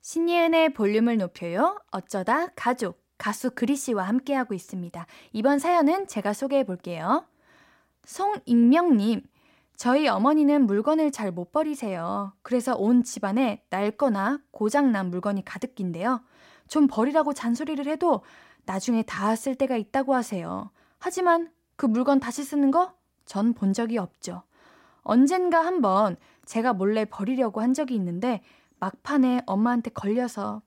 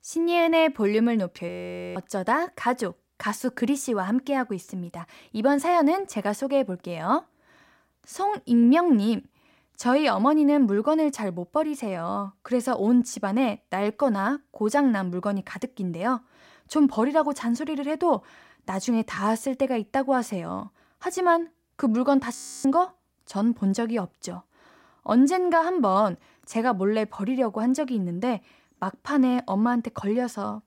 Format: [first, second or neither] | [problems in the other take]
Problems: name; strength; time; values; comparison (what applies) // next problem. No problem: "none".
first | audio freezing; at 1.5 s and at 22 s